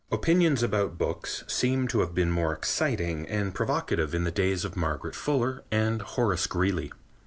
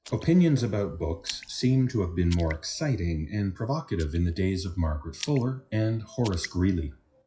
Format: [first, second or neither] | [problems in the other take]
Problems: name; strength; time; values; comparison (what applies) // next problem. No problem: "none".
first | noise reduction (classical method WPE with log-MMSE)